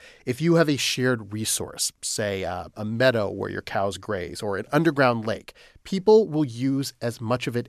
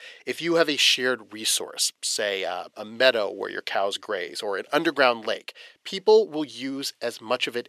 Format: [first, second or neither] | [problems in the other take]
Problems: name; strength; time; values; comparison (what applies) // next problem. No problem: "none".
first | thin; somewhat; fading below 450 Hz